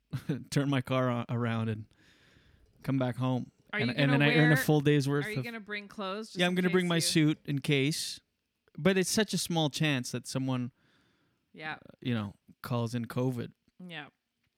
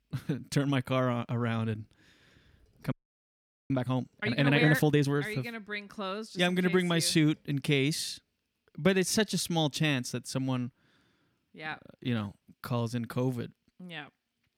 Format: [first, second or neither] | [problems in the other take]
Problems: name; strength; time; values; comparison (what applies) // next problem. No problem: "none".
first | audio freezing; at 3 s for 1 s